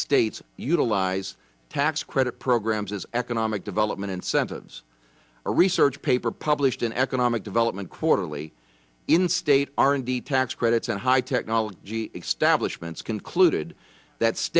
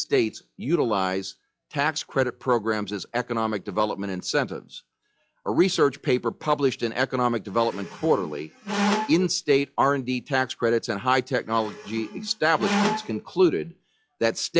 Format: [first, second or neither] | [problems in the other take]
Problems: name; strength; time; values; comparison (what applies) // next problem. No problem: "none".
first | noise reduction (classical method log-MMSE)